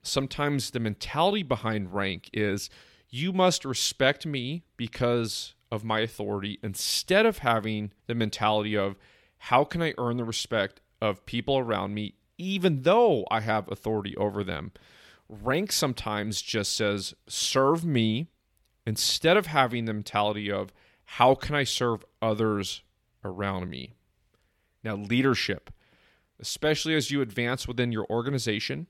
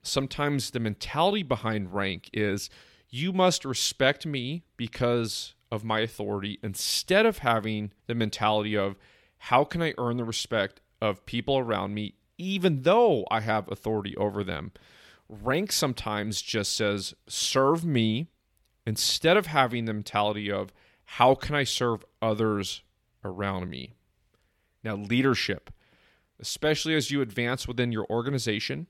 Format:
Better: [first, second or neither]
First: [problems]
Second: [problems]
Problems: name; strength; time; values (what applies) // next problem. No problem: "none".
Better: neither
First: none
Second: none